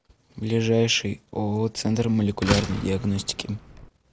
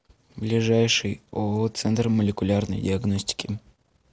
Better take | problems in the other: second | background sound (Slam); 8 dB below the speech

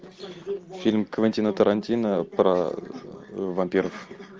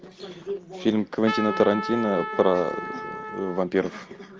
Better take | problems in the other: first | background sound (Trumpet); 8 dB below the speech

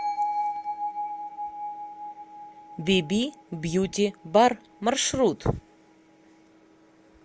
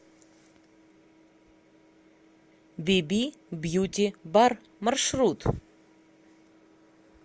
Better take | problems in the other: second | background sound (Bell); 8 dB below the speech

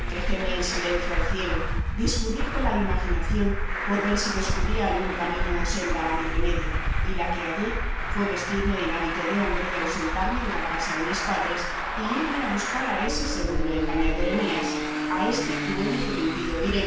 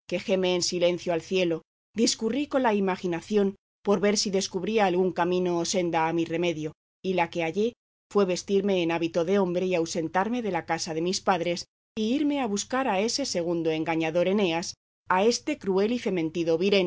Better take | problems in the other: second | background sound (Traffic noise, roadway noise); 2 dB above the speech // room echo; dies away in 0.7 s

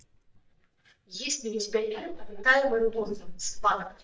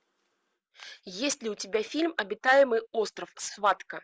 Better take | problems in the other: second | noise reduction (neural mask model DeepFilterNet 3)

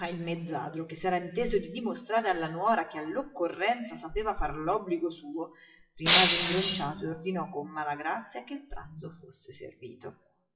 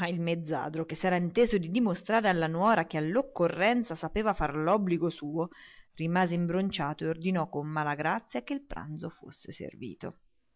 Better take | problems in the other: second | noise reduction (classical method WPE with log-MMSE)

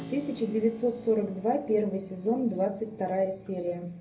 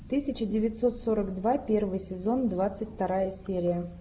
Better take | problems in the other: second | background sound (Keyboard (musical)); 20 dB below the speech // room echo; dies away in 0.3 s

